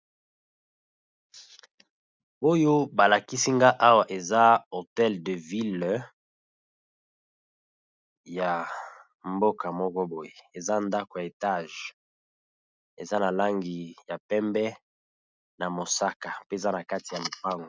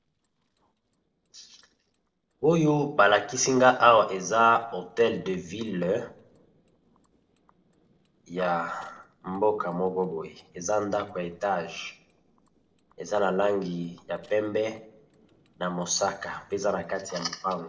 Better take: first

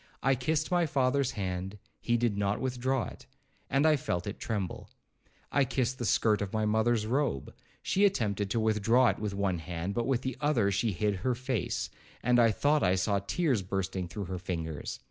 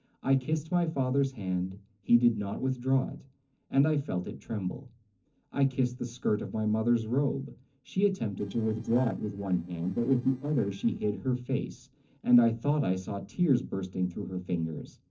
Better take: first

